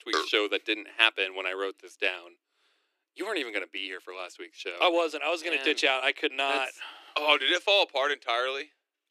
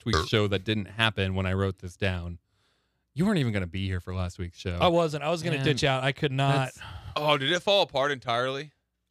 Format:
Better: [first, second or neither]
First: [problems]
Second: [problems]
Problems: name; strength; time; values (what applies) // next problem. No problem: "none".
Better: second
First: thin; very; fading below 300 Hz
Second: none